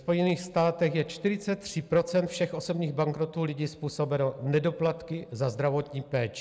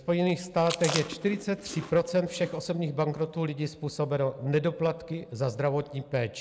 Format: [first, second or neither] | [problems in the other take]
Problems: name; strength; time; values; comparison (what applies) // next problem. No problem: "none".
first | background sound (Chewing, mastication); 12 dB below the speech